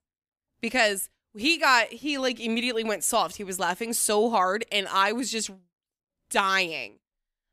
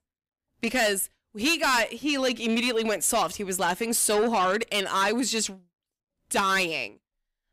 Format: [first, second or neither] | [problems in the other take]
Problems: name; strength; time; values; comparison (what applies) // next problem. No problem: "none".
first | distortion; heavy; 8 dB below the speech